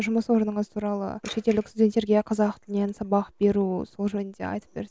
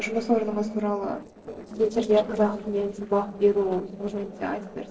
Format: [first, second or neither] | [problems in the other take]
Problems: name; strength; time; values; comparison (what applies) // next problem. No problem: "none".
first | noise reduction (neural separator model SepFormer DNS4)